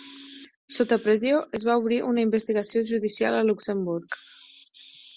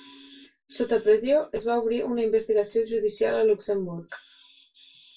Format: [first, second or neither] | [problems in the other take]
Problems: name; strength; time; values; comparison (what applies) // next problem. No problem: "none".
first | room echo; dies away in 0.2 s